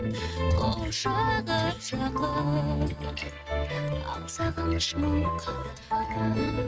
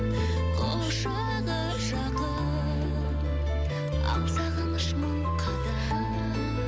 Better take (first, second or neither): second